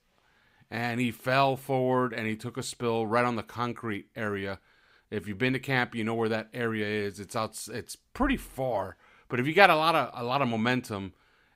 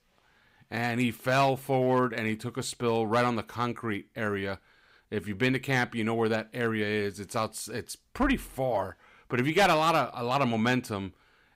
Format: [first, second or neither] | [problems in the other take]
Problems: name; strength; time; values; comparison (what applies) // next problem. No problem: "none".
first | distortion; slight; 1.5% of the sound clipped